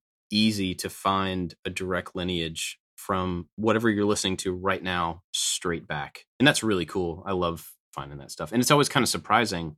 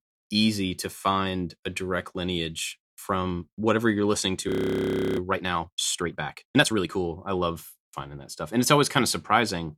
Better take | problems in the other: first | audio freezing; at 4.5 s for 0.5 s

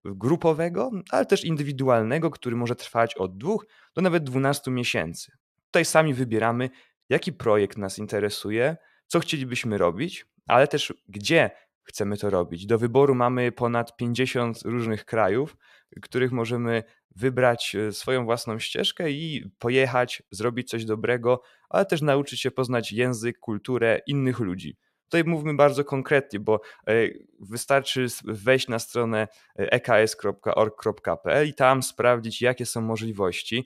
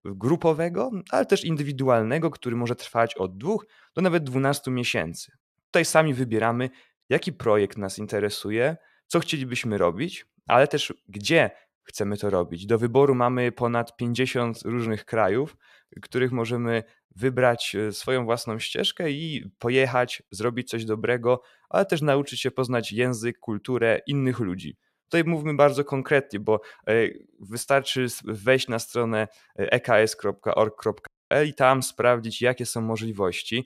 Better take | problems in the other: first | audio cutting out; at 31 s

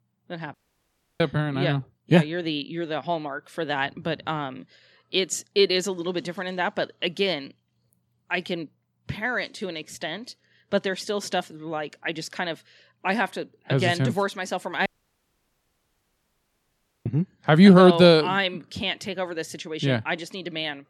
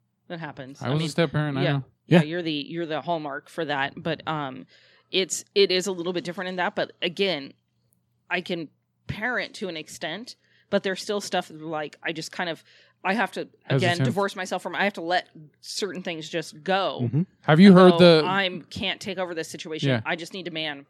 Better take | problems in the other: second | audio cutting out; at 0.5 s for 0.5 s and at 15 s for 2 s

